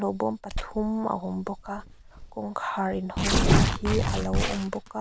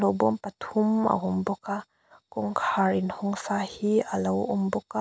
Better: second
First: background sound (Tearing); 3 dB above the speech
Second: none

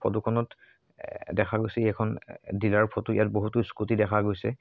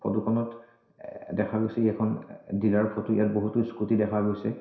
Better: first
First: none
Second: room echo; dies away in 0.7 s

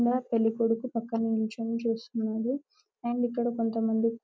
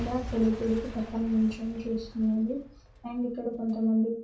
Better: first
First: none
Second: background sound (Shatter / Crushing / Boom); 14 dB below the speech // room echo; dies away in 0.3 s

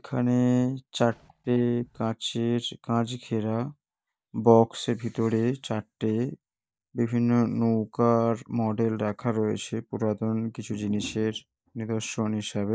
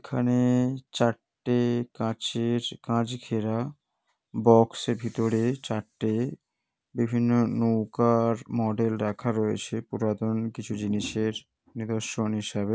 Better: second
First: noise reduction (neural mask model DeepFilterNet 3)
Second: none

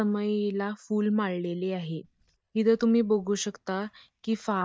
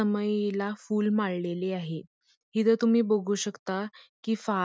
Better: second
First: noise reduction (neural mask model DeepFilterNet 3)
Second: none

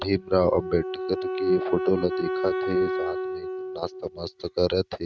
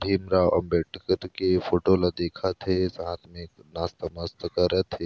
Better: second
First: noise reduction (neural mask model RNNoise)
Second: none

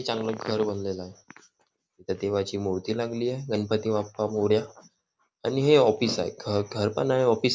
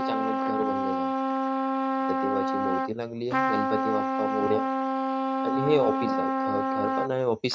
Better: first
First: none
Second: noise reduction (neural mask model RNNoise)

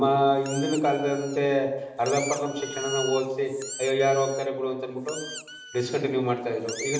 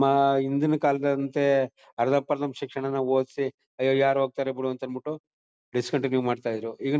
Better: second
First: background sound (Squeak); 13 dB below the speech // room echo; dies away in 1.2 s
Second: none

